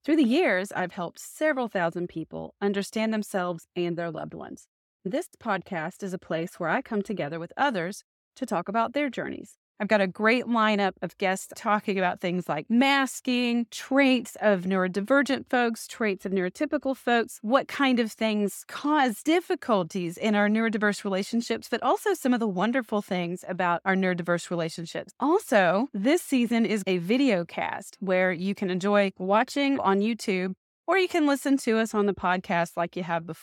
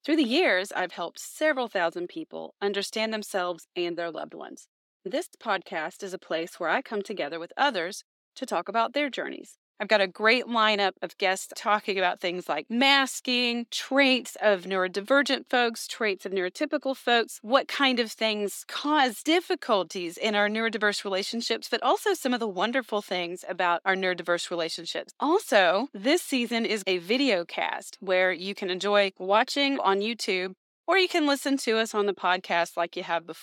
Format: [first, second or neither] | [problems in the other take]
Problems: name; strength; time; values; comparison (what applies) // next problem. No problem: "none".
first | thin; very slightly; fading below 300 Hz